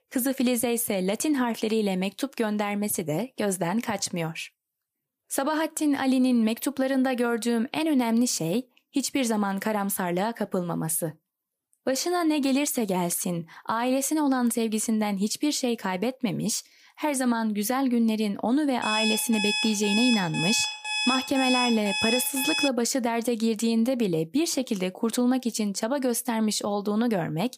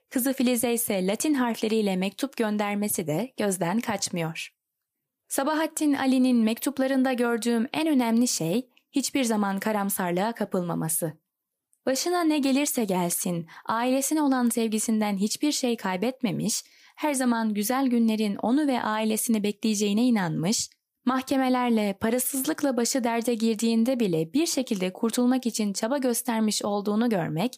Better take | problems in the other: second | alarm; loud; from 19 to 23 s; peak 1 dB above the speech

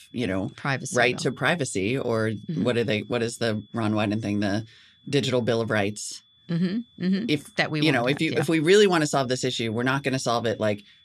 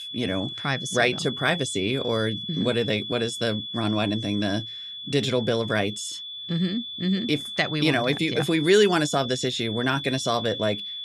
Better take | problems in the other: first | high-pitched whine; loud; throughout; 3.5 kHz, 7 dB below the speech; faint in the first

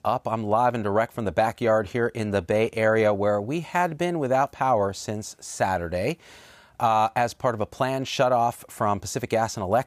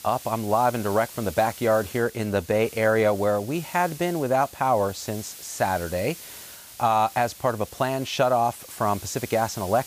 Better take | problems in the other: first | hiss; noticeable; throughout; 15 dB below the speech

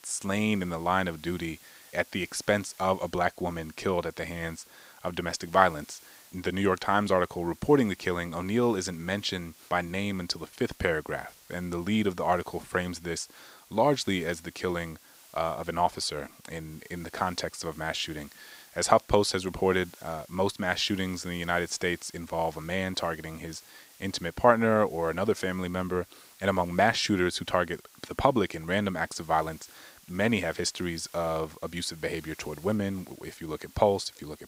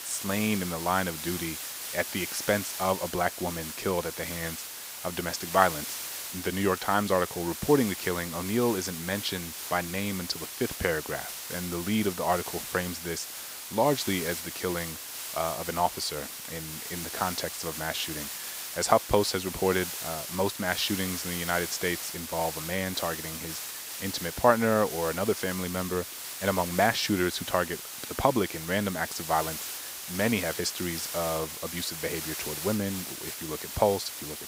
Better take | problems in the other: first | hiss; loud; throughout; 6 dB below the speech; faint in the first

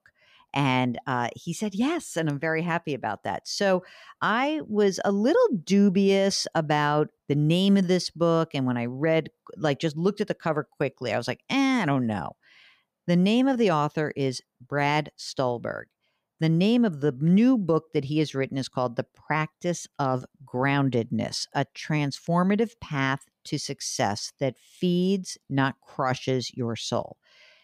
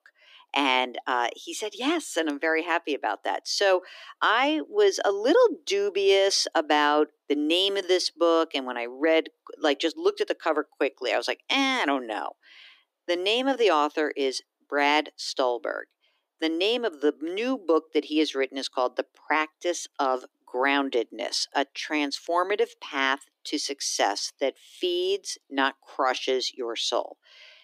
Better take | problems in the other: first | thin; somewhat; fading below 300 Hz

